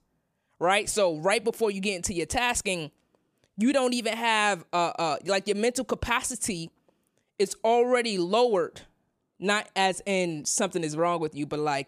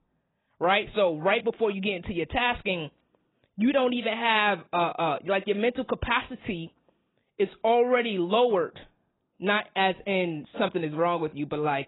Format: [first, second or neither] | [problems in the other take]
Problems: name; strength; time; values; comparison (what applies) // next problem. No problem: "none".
first | garbled, watery; badly; nothing above 4 kHz